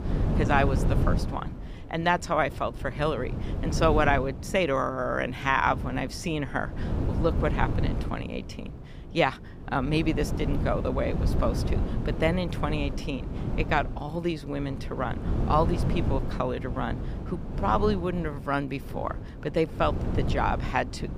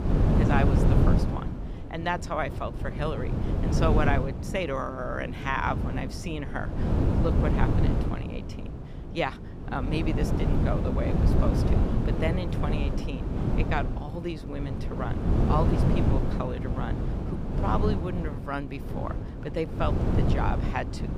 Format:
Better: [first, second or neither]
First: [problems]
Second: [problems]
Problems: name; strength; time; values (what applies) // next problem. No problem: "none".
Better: first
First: wind noise on the microphone; occasional gusts; 10 dB below the speech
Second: wind noise on the microphone; heavy; 3 dB below the speech